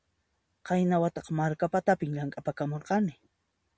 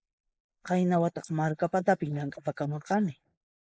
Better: first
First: none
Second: noise reduction (neural mask model Resemble Enhance denoiser)

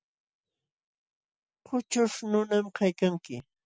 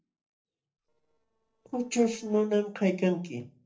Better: first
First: none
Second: noise reduction (neural separator model SepFormer DNS4)

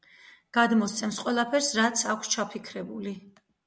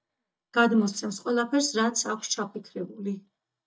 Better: first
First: none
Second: noise reduction (neural mask model DeepFilterNet 3)

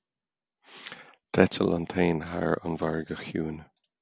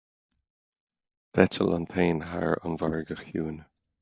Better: first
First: none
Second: noise reduction (neural mask model DeepFilterNet 3)

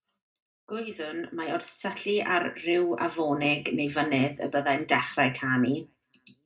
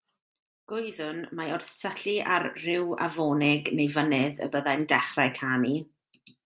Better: second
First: room echo; dies away in 0.2 s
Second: none

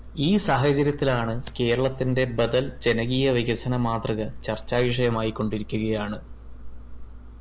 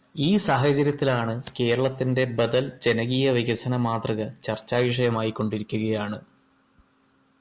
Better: second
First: background sound (Engine); 12 dB below the speech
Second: none

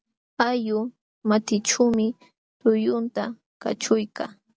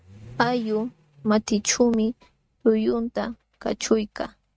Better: first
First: none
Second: noise reduction (neural mask model RNNoise)

